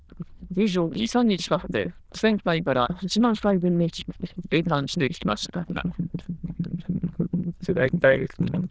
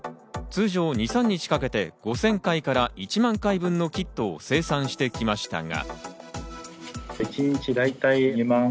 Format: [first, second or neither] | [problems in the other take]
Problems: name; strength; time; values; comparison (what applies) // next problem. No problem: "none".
second | noise reduction (neural diffusion model UNIVERSE++)